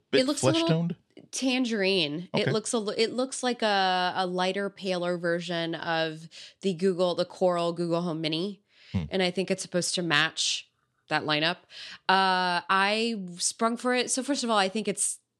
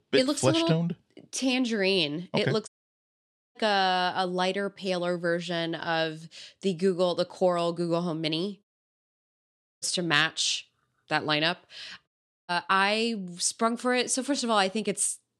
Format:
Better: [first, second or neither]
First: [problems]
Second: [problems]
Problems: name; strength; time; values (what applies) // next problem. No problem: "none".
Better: first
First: none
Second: audio cutting out; at 2.5 s for 1 s, at 8.5 s for 1 s and at 12 s